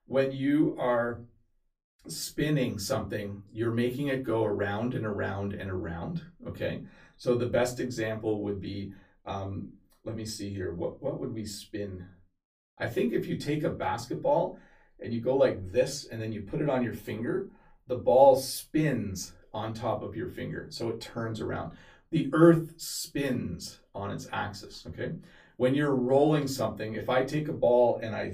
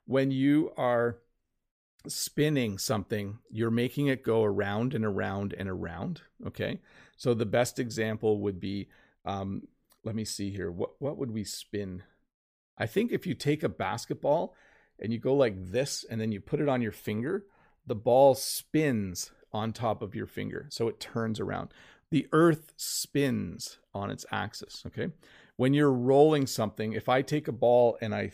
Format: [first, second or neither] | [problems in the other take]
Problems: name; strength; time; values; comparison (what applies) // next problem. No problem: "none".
second | off-mic speech; far // room echo; very slight; dies away in 0.2 s